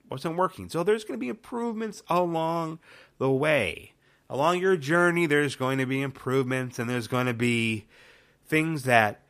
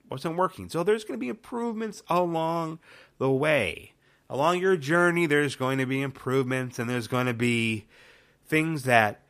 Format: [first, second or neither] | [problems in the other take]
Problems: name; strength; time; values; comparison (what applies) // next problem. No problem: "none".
neither | none